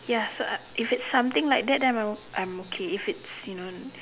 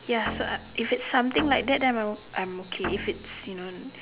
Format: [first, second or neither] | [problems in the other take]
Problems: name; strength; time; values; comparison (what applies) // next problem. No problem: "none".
first | background sound (Guitar); 10 dB below the speech